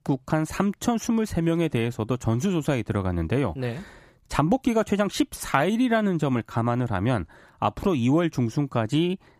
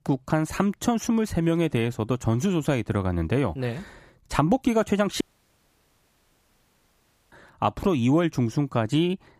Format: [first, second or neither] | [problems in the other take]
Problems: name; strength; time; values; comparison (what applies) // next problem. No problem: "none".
first | audio cutting out; at 5 s for 2 s